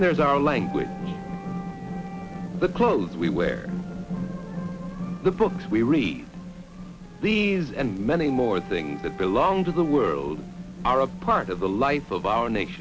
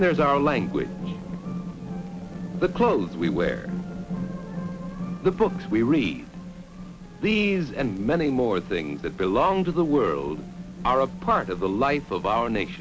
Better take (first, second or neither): second